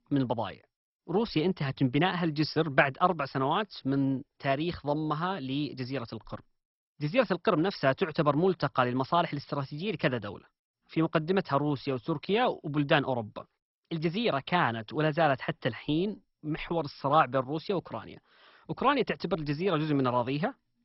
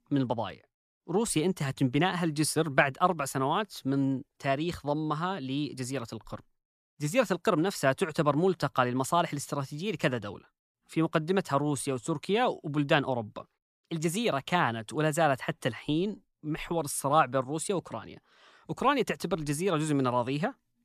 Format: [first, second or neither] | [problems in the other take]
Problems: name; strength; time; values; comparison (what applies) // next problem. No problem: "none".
second | garbled, watery; badly; nothing above 5.5 kHz